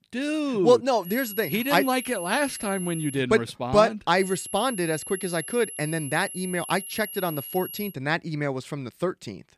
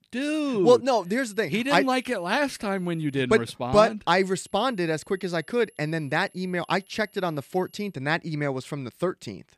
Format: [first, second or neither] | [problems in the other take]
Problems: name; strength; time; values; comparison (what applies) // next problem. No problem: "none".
second | high-pitched whine; loud; from 1 to 3 s and from 4 to 8 s; 11 kHz, 10 dB below the speech; faint in the second